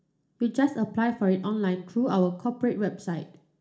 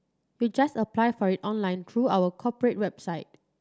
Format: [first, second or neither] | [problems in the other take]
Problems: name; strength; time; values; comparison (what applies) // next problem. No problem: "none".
second | room echo; dies away in 0.4 s